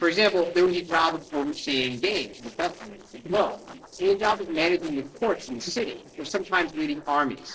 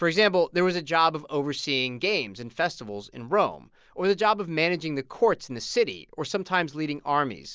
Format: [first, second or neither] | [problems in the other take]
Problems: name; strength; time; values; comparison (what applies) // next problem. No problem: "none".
second | noise reduction (neural separator model SepFormer DNS4)